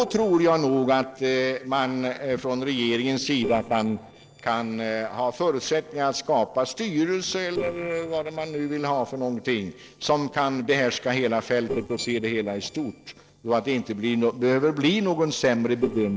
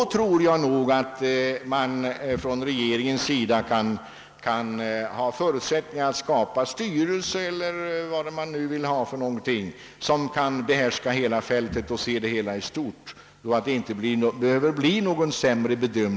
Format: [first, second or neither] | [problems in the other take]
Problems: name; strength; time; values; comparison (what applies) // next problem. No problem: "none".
second | noise reduction (neural separator model SepFormer DNS4)